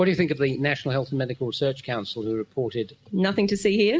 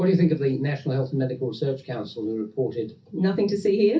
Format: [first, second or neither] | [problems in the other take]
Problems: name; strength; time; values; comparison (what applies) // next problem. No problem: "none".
first | room echo; dies away in 0.3 s